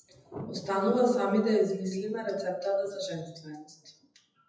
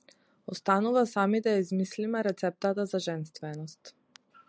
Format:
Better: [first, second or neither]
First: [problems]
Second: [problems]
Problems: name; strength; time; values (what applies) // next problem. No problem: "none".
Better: second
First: noise reduction (classical method WPE with log-MMSE)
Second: none